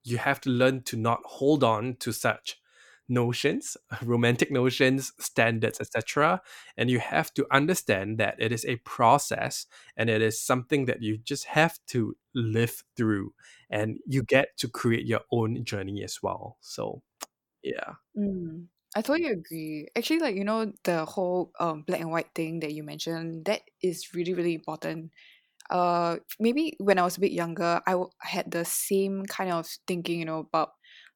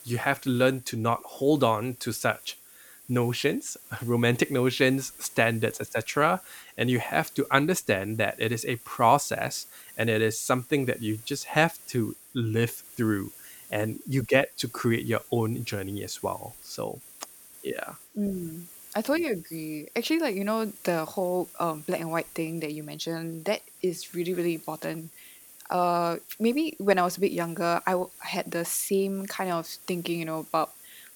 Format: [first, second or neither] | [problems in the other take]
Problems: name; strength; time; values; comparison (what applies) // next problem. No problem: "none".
first | hiss; noticeable; throughout; 20 dB below the speech